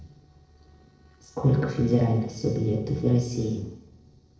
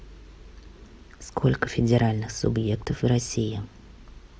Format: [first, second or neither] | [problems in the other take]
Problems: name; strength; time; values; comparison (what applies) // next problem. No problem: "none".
second | noise reduction (neural separator model SepFormer DNS4)